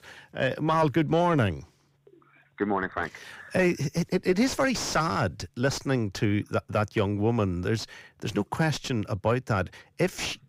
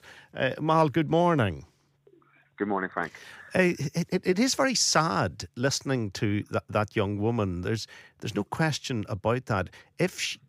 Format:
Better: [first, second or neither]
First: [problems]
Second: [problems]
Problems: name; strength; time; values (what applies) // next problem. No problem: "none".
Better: second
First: distortion; slight; 9 dB below the speech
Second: none